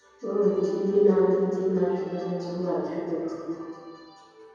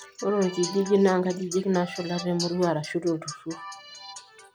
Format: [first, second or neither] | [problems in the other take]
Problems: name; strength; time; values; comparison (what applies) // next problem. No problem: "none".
second | room echo; dies away in 2.2 s